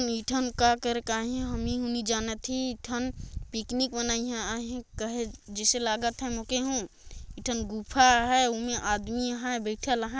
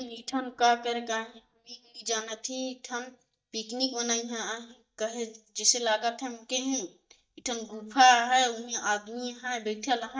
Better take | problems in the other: first | noise reduction (neural mask model DeepFilterNet 3)

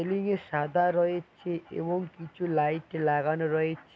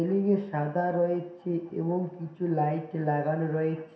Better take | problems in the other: first | room echo; dies away in 0.7 s

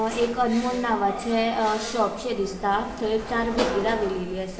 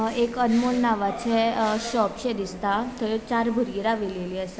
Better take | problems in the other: second | background sound (Sliding door / Slam); 11 dB below the speech // room echo; dies away in 0.8 s

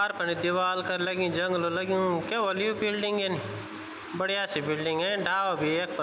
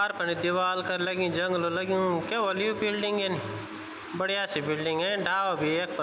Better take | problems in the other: first | background sound (Bowed string instrument); 18 dB below the speech

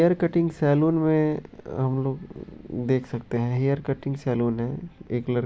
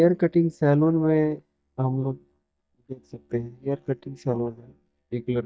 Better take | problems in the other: first | noise reduction (neural mask model DeepFilterNet 3)

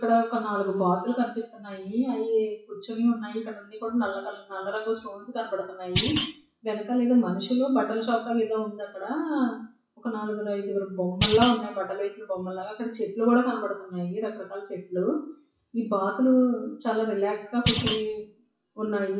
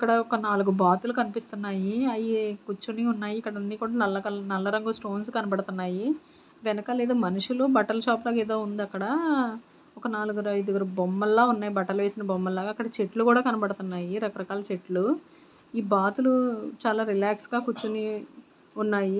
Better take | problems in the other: second | noise reduction (classical method WPE with log-MMSE)

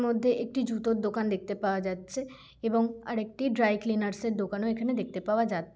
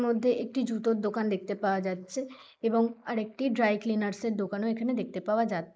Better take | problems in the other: first | noise reduction (neural mask model Resemble Enhance denoiser)

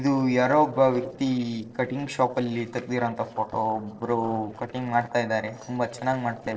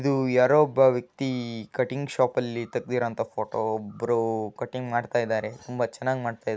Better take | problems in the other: second | noise reduction (neural separator model SepFormer DNS4)

